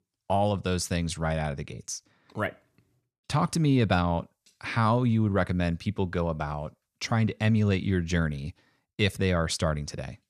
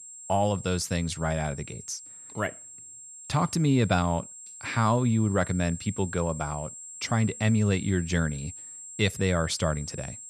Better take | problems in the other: first | high-pitched whine; noticeable; throughout; 7.5 kHz, 15 dB below the speech

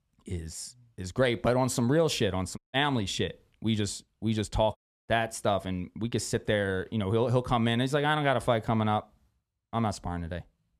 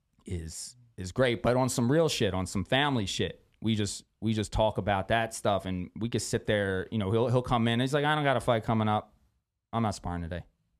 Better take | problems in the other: second | audio cutting out; at 2.5 s and at 5 s

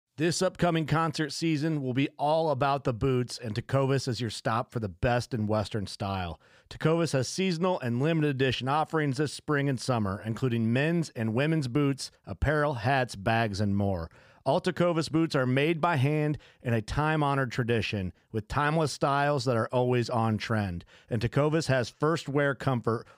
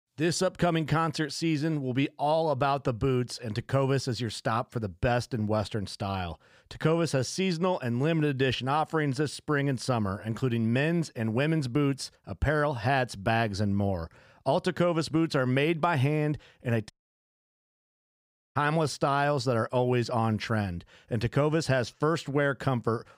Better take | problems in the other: first | audio cutting out; at 17 s for 1.5 s

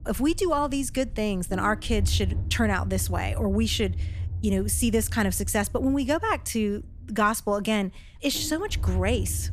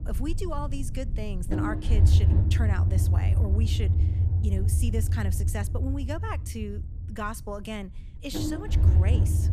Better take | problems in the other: first | low rumble; loud; throughout; 2 dB below the speech; faint in the first

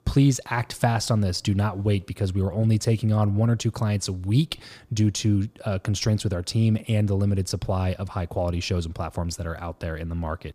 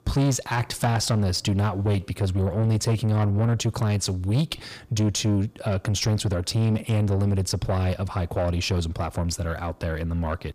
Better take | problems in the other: first | distortion; slight; 10 dB below the speech

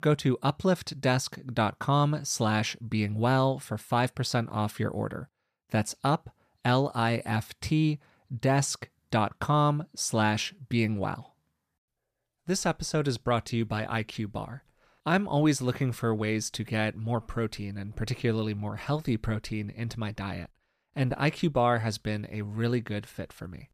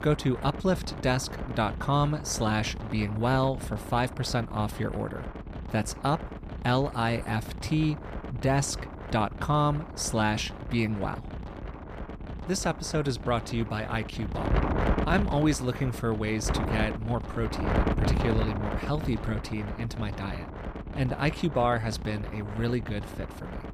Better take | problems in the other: first | wind noise on the microphone; heavy; 8 dB below the speech

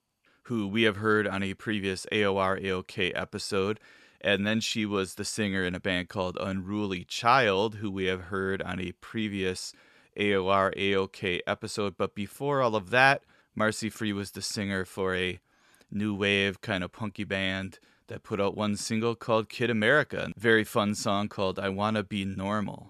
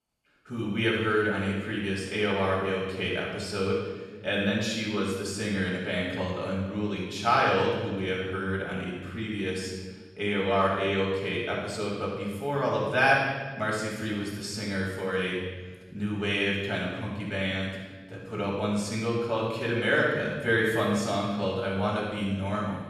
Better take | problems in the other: first | off-mic speech; far // room echo; strong; dies away in 1.4 s

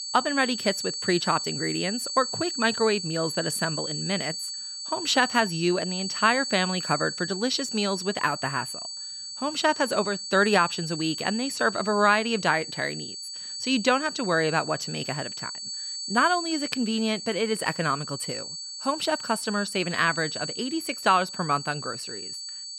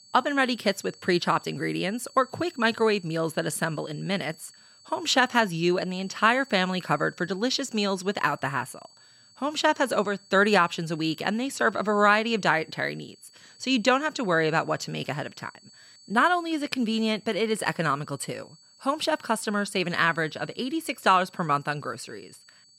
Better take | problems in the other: second | high-pitched whine; loud; throughout; 4.5 kHz, 6 dB below the speech; faint in the second

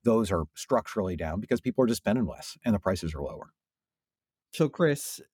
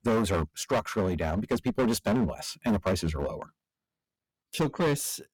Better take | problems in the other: first | distortion; heavy; 14% of the sound clipped

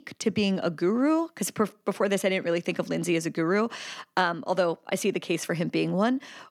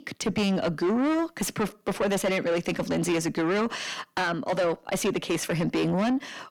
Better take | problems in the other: first | distortion; heavy; 7 dB below the speech

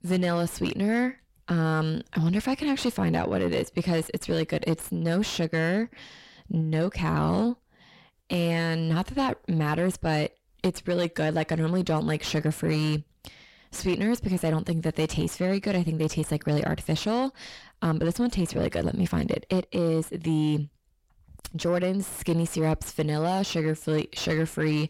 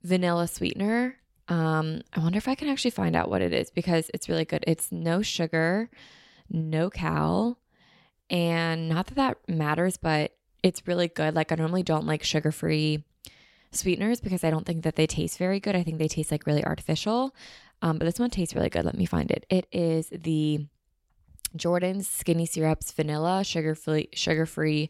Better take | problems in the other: second | distortion; slight; 10 dB below the speech

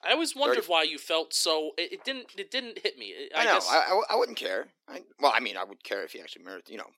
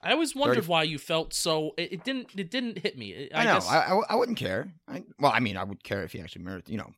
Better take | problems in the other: second | thin; somewhat; fading below 300 Hz

